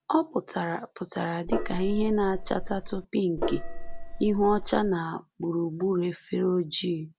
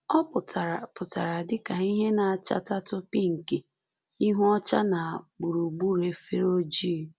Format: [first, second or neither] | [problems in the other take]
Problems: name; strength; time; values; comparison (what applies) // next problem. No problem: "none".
second | background sound (Gong); 3 dB below the speech